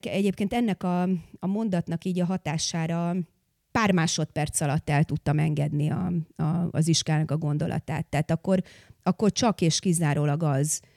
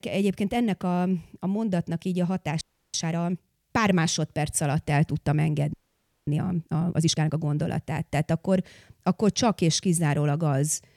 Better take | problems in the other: first | audio freezing; at 2.5 s and at 5.5 s for 0.5 s

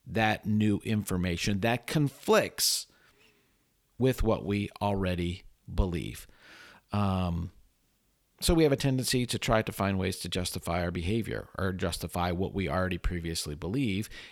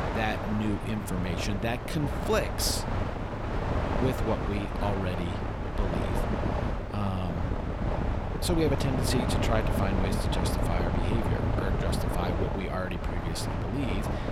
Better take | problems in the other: first | train or aircraft noise; very loud; throughout; 1 dB above the speech

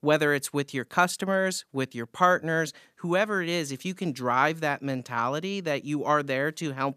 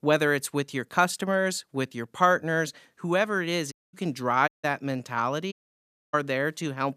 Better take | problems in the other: first | audio cutting out; at 3.5 s, at 4.5 s and at 5.5 s for 0.5 s

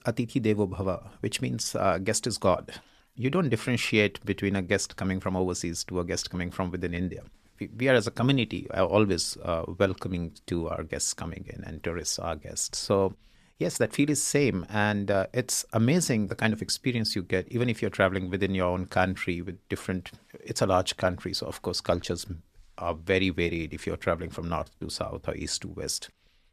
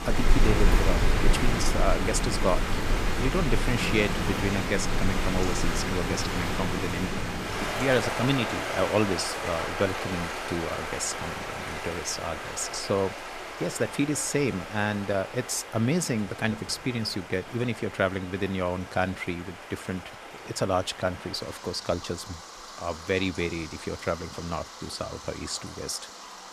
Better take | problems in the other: first | rain or running water; loud; throughout; 2 dB below the speech

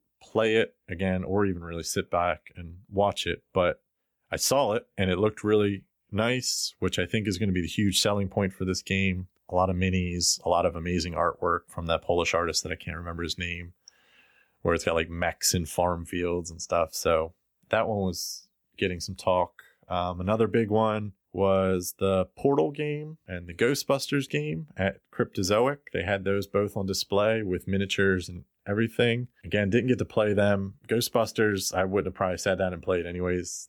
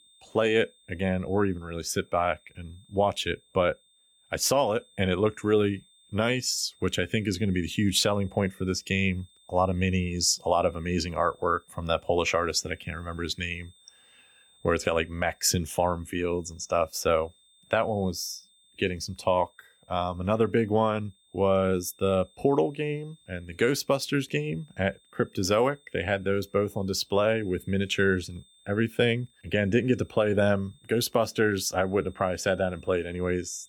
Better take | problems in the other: first | high-pitched whine; faint; throughout; 3.5 kHz, 30 dB below the speech

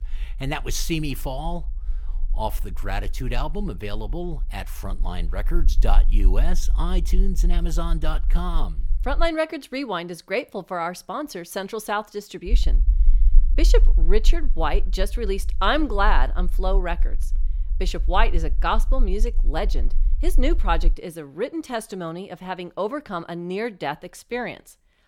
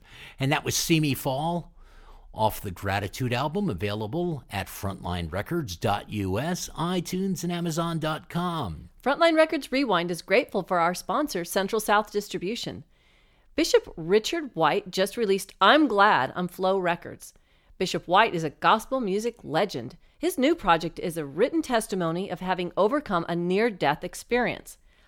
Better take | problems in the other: second | low rumble; faint; until 9.5 s and from 12 to 21 s; 25 dB below the speech

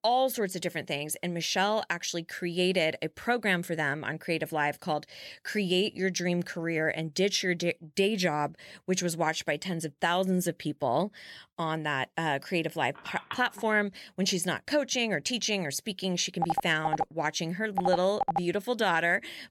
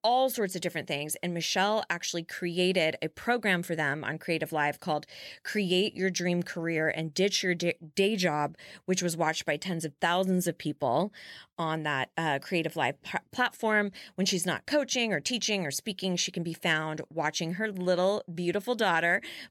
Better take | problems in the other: second | phone ringing; faint; at 13 s; peak 10 dB below the speech // phone ringing; noticeable; from 16 to 18 s; peak 2 dB below the speech

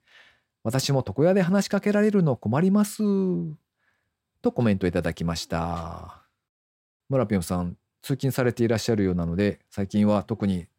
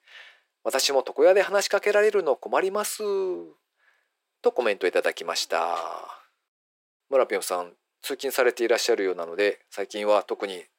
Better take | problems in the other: first | thin; very; fading below 400 Hz

